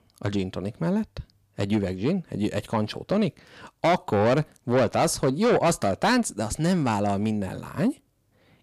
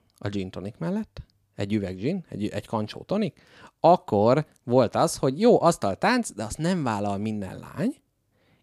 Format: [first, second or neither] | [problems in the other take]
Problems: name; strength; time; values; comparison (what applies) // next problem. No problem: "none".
second | distortion; heavy; 7 dB below the speech